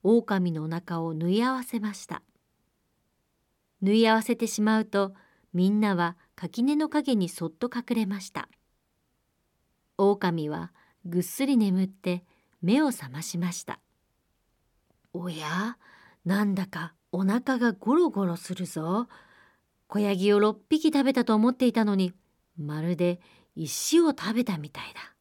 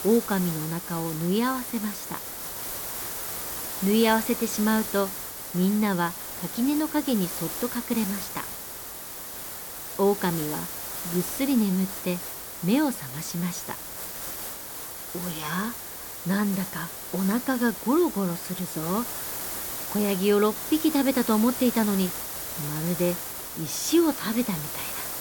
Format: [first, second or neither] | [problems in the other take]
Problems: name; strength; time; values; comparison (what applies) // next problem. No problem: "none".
first | hiss; loud; throughout; 6 dB below the speech